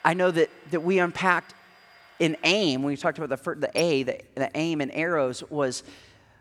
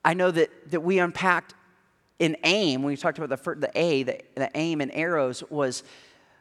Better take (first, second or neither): second